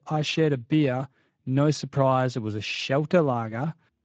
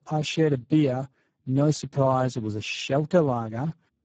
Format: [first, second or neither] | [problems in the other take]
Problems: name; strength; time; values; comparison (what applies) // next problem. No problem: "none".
first | garbled, watery; badly; nothing above 7.5 kHz; slightly in the first